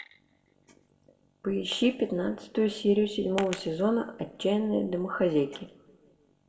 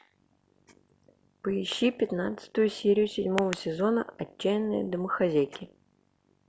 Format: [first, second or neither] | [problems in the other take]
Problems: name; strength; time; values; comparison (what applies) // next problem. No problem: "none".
second | room echo; dies away in 0.6 s